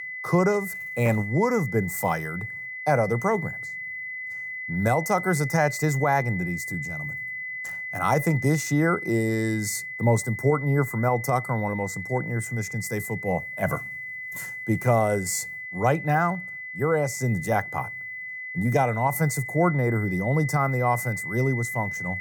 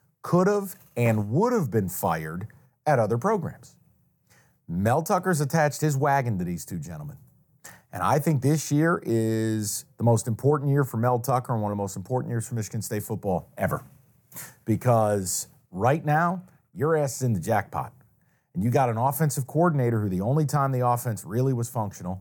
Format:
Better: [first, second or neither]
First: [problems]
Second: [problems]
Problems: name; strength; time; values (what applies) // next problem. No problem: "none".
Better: second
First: high-pitched whine; loud; throughout; 2 kHz, 7 dB below the speech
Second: none